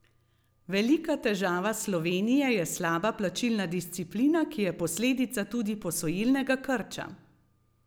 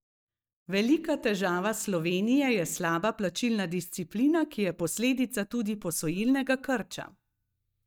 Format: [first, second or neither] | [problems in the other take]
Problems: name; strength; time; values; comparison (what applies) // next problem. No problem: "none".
first | noise reduction (neural mask model DeepFilterNet 3)